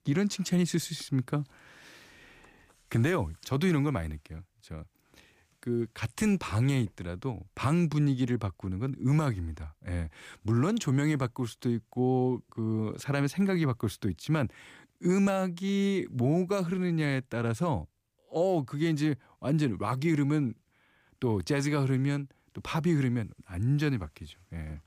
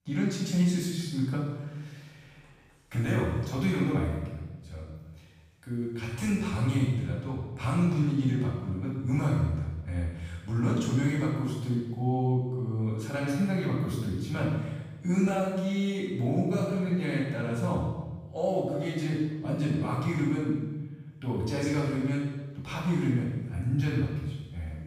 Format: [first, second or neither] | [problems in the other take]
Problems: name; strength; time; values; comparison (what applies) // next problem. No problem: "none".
first | room echo; strong; dies away in 1.1 s // off-mic speech; far